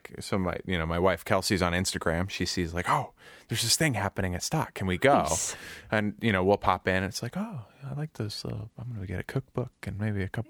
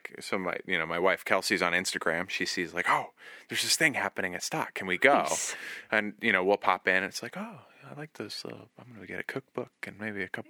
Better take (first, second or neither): first